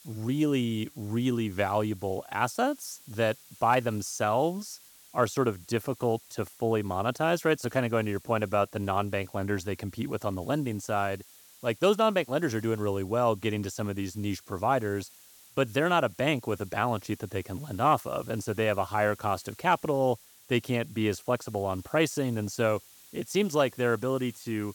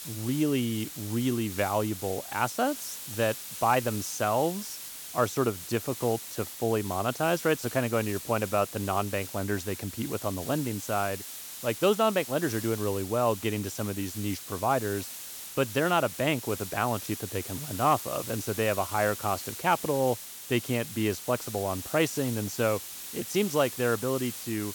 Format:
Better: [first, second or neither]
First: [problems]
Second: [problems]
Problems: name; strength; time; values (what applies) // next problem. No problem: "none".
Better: first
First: hiss; faint; throughout; 25 dB below the speech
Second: hiss; loud; throughout; 9 dB below the speech